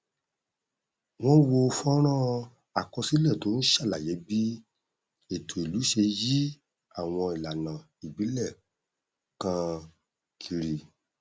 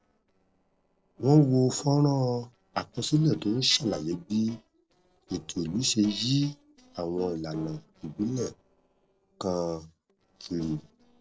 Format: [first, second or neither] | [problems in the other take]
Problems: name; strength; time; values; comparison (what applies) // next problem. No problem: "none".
first | noise reduction (neural separator model SepFormer DNS4)